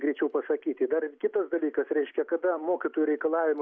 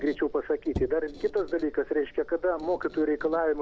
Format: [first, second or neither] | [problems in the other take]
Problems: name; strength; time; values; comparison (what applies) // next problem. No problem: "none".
first | background sound (Squeak); 14 dB below the speech